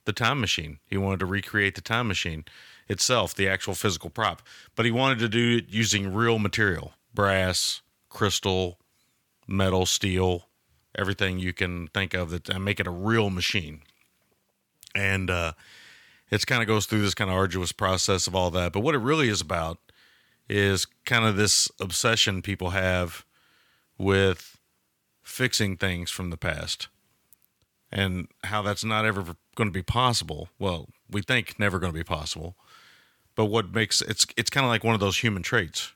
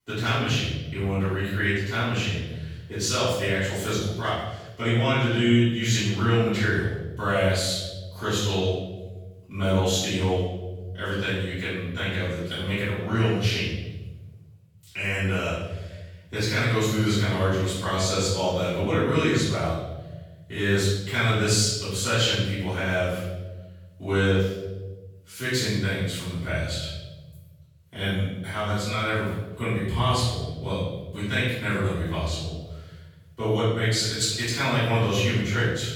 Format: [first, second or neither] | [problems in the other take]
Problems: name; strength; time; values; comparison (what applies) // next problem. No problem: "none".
first | off-mic speech; far // room echo; strong; dies away in 1.2 s